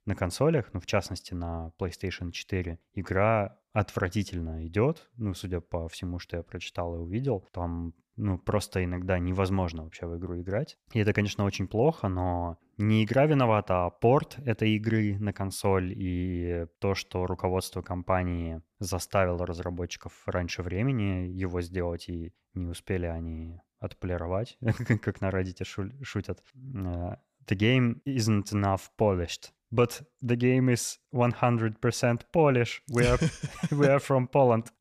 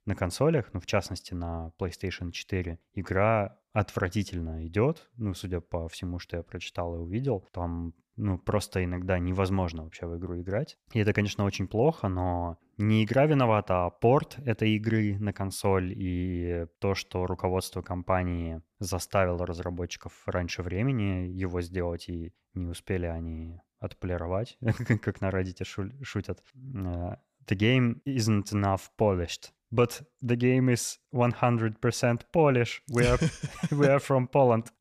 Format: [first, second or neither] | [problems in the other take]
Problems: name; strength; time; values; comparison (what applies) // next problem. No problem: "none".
neither | none